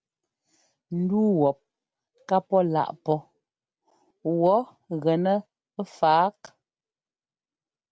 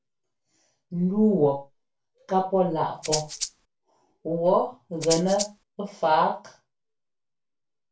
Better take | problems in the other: first | background sound (Rattle (instrument)); 6 dB below the speech // room echo; dies away in 0.2 s

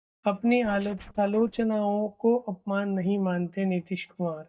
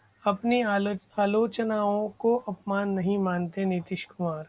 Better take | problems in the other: second | noise reduction (neural mask model DeepFilterNet 3)

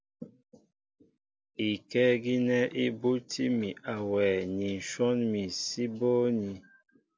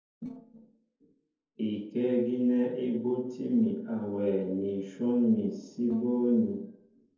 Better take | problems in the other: first | noise reduction (neural separator model SepFormer DNS4)

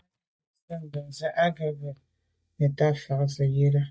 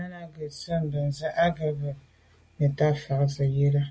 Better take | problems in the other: second | noise reduction (neural mask model DeepFilterNet 3)

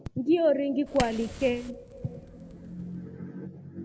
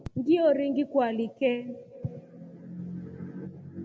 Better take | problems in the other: second | background sound (Fire); 12 dB below the speech

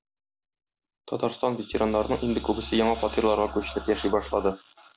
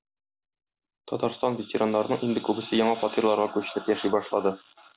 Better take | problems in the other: second | background sound (Engine); 15 dB below the speech

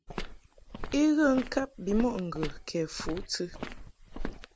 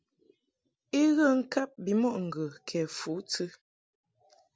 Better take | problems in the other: second | background sound (Walk, footsteps); 8 dB below the speech

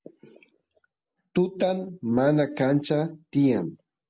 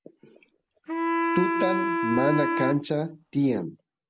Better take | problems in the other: first | background sound (Wind instrument, woodwind instrument); as loud as the speech

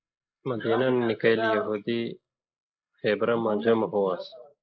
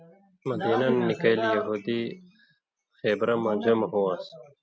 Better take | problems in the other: second | noise reduction (neural mask model Resemble Enhance denoiser)

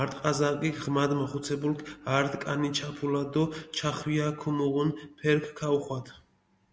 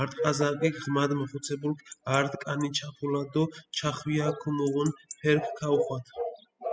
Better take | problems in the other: first | noise reduction (classical method spectral subtraction)

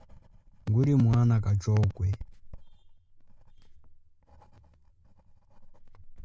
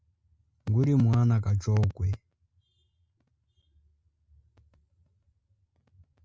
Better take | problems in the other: second | background sound (Writing); 18 dB below the speech

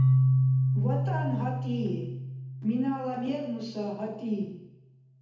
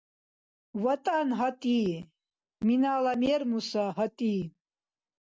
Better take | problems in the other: second | background sound (Keyboard (musical)); 5 dB above the speech // room echo; dies away in 0.8 s

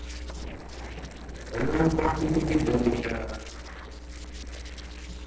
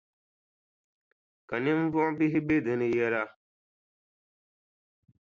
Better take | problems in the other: second | noise reduction (neural separator model SepFormer DNS4)

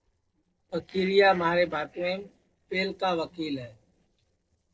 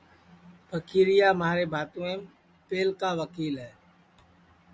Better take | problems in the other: second | noise reduction (neural separator model SepFormer DNS4)

